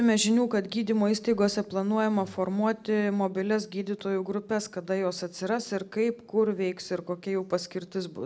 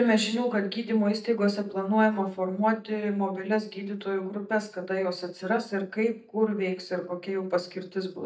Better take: first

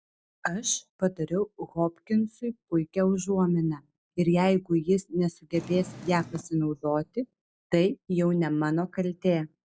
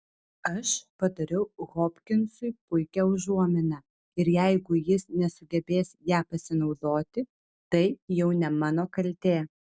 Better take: second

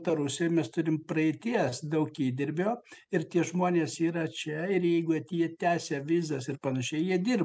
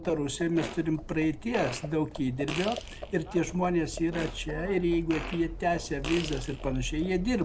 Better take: first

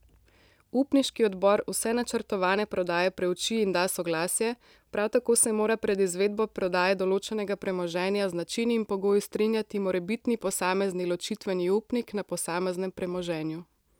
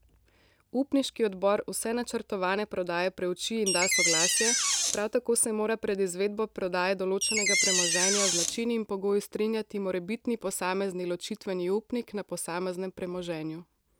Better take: first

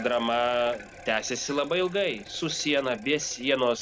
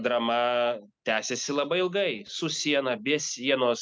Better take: second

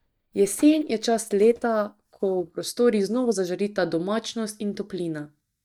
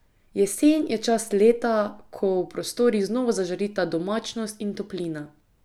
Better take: second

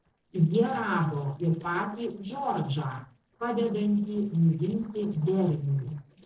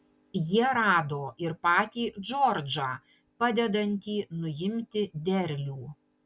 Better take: second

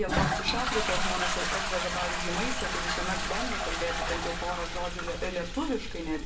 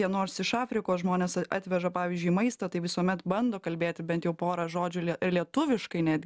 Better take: second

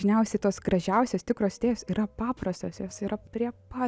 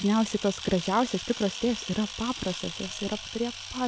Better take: first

